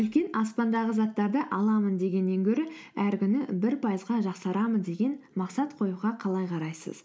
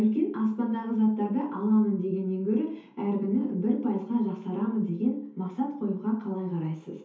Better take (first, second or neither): first